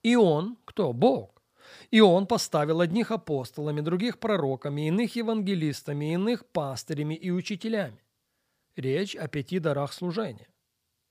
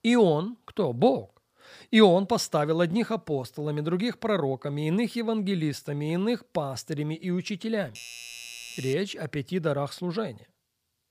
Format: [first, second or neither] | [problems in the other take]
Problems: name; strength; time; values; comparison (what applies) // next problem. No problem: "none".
first | doorbell; faint; from 8 to 9 s; peak 10 dB below the speech